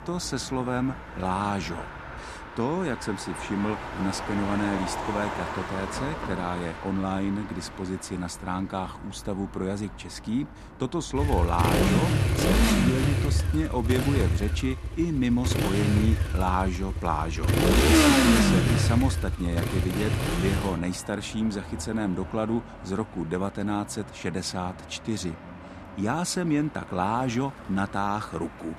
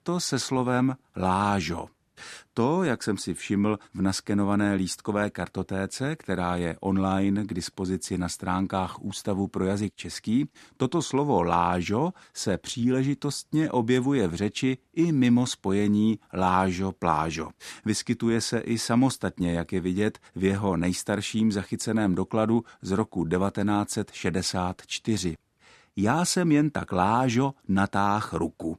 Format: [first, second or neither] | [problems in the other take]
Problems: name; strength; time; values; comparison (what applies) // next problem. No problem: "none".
second | traffic noise; very loud; throughout; 4 dB above the speech